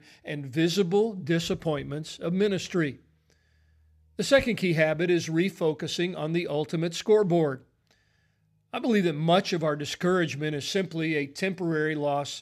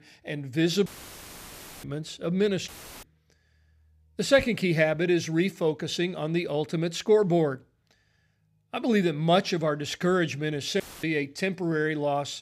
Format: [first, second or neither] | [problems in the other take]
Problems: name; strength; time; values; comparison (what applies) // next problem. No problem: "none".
first | audio cutting out; filled with static; at 1 s for 1 s, at 2.5 s and at 11 s